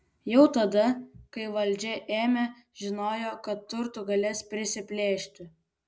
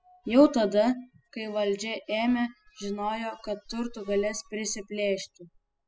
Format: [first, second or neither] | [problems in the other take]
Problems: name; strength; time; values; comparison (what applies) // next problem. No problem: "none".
first | noise reduction (classical method spectral subtraction)